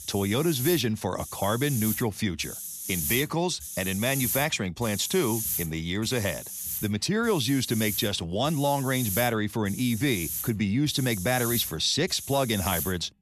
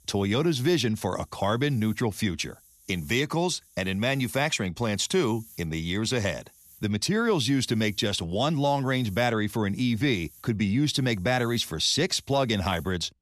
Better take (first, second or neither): second